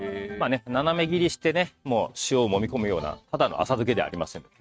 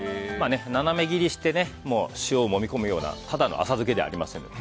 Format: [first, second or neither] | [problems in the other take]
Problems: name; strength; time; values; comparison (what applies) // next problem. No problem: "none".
second | noise reduction (neural mask model RNNoise)